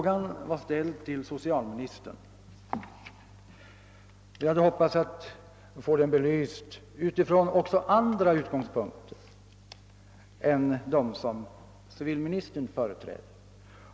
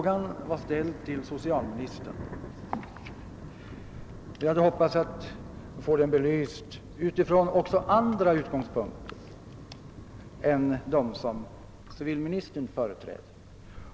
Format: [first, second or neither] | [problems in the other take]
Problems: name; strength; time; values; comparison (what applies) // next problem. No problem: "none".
first | background sound (Thunder); 14 dB below the speech